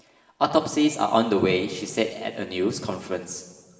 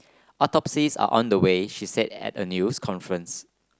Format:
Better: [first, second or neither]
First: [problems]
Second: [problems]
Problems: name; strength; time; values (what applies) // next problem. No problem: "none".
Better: second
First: room echo; dies away in 2.1 s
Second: none